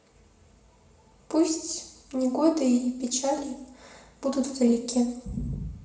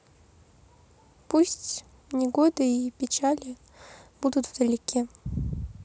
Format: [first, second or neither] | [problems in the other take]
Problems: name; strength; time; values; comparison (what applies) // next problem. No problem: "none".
second | room echo; dies away in 0.8 s